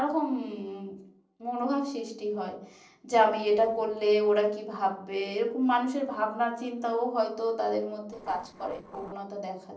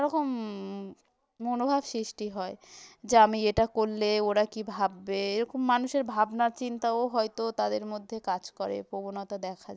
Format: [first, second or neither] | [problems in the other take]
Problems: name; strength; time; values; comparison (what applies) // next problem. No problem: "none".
second | noise reduction (neural separator model SepFormer DNS4)